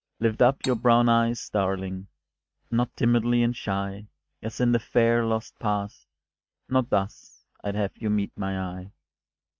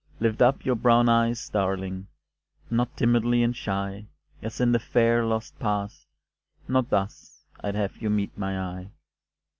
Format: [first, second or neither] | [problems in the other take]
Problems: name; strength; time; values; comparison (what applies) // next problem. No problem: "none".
second | noise reduction (neural mask model RNNoise)